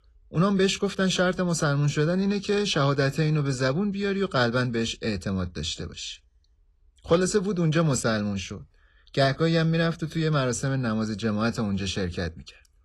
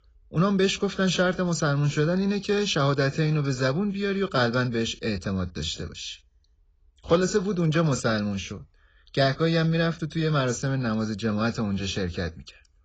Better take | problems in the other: first | garbled, watery; badly; nothing above 7.5 kHz; slightly in the first

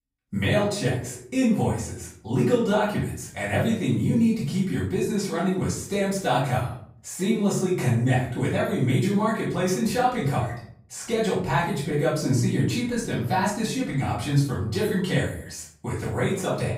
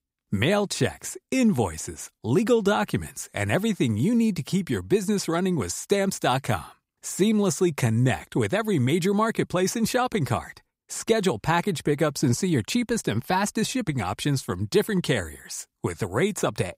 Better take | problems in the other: second | off-mic speech; far // room echo; noticeable; dies away in 0.5 s

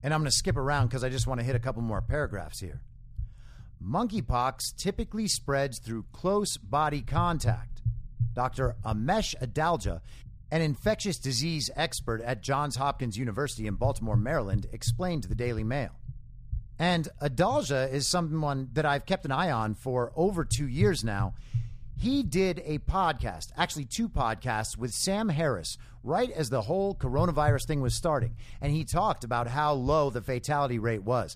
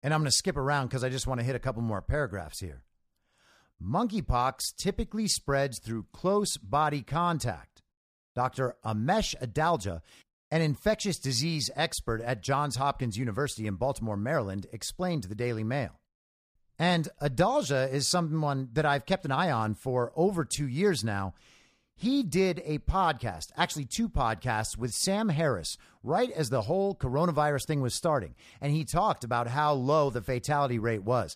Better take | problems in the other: second | low rumble; faint; throughout; 20 dB below the speech

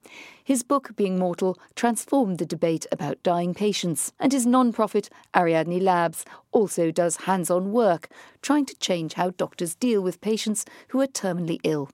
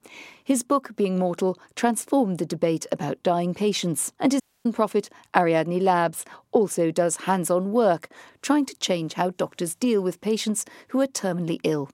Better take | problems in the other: first | audio cutting out; at 4.5 s

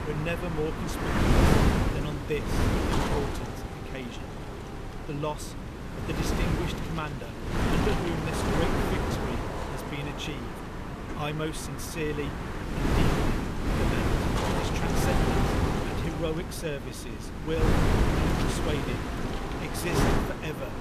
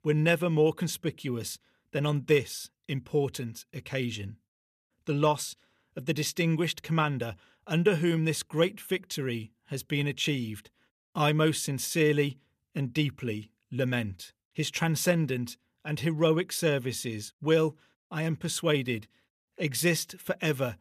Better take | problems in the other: second | wind noise on the microphone; heavy; 5 dB above the speech

